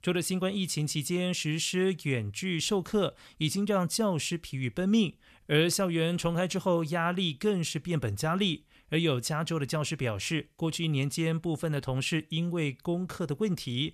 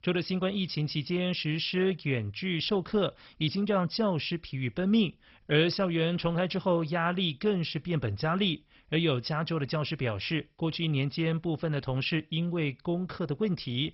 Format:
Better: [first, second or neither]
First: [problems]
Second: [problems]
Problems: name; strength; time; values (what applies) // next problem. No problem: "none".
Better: first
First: none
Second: garbled, watery; badly; nothing above 5.5 kHz